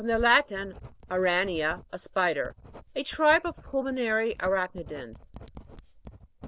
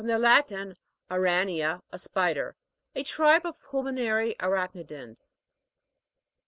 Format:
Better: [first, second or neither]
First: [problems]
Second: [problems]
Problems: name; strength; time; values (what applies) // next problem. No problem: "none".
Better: second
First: background sound (Writing); 17 dB below the speech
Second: none